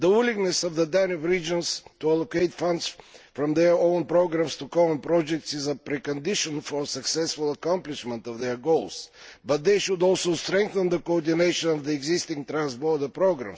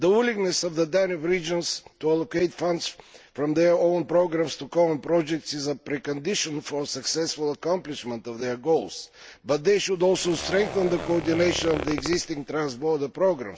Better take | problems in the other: first | background sound (Zipper (clothing)); 10 dB below the speech

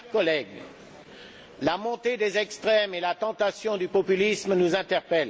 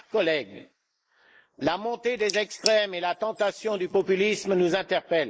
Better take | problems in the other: first | noise reduction (neural mask model Resemble Enhance denoiser)

